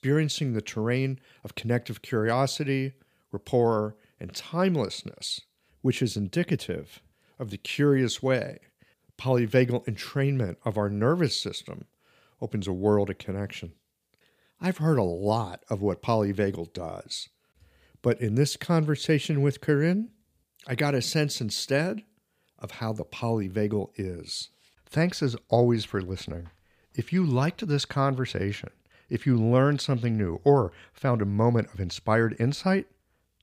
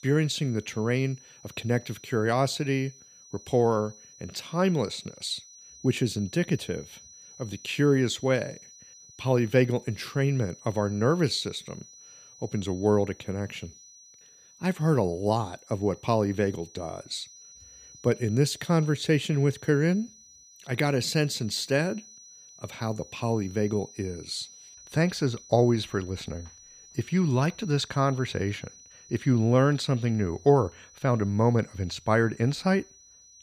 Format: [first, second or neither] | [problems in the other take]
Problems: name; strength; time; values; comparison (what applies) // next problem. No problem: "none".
first | high-pitched whine; faint; throughout; 6 kHz, 20 dB below the speech